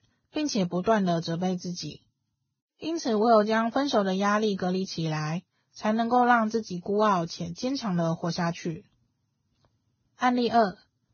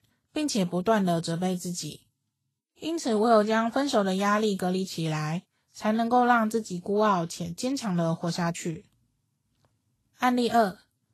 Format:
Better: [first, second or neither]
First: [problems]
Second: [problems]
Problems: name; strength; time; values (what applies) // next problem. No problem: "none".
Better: second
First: garbled, watery; badly; nothing above 6.5 kHz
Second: garbled, watery; slightly; nothing above 12.5 kHz